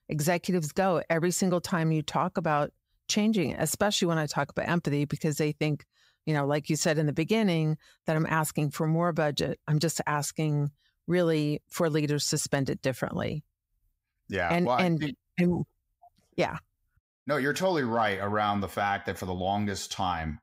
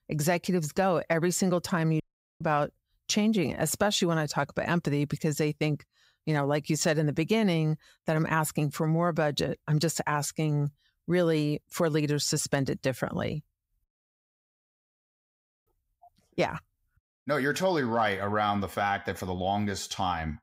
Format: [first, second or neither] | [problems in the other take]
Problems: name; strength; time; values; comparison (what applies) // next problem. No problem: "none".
first | audio cutting out; at 2 s and at 14 s for 2 s